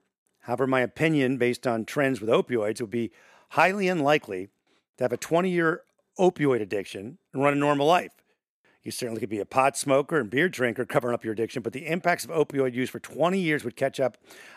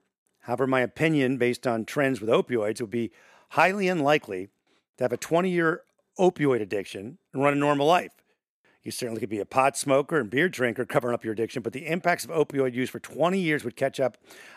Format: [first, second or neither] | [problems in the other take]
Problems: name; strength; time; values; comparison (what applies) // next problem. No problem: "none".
neither | none